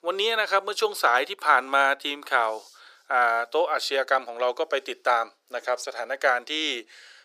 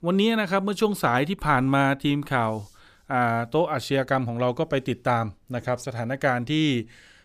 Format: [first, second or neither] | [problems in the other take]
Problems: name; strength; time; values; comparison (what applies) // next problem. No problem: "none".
second | thin; very; fading below 400 Hz